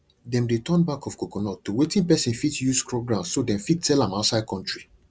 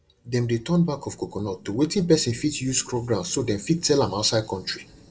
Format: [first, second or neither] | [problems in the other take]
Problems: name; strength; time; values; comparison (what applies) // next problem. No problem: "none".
first | room echo; dies away in 1.8 s